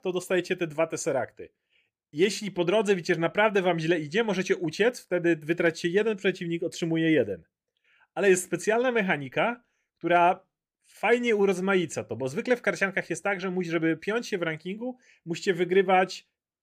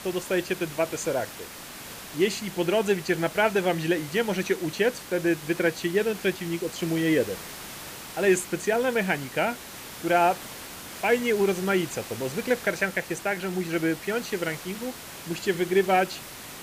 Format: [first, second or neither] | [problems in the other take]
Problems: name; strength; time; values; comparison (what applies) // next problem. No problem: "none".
first | hiss; noticeable; throughout; 10 dB below the speech